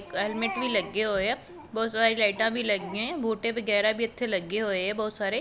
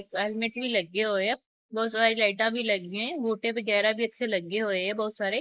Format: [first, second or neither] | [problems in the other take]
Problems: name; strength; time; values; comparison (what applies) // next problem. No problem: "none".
first | noise reduction (neural mask model Resemble Enhance denoiser)